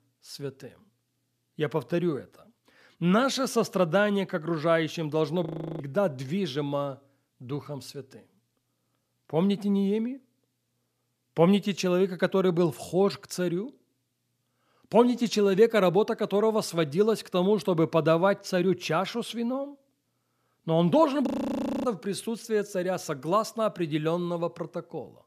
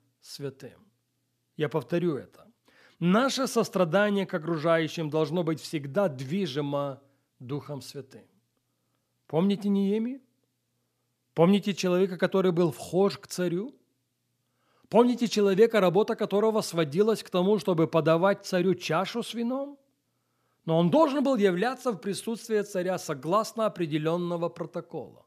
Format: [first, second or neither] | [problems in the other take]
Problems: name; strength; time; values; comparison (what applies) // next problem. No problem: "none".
second | audio freezing; at 5.5 s and at 21 s for 0.5 s